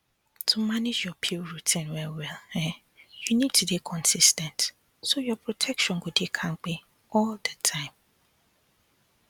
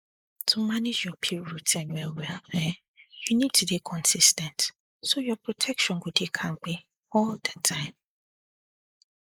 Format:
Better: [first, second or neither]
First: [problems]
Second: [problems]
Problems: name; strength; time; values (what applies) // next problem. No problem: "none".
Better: first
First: none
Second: noise reduction (neural mask model Resemble Enhance denoiser)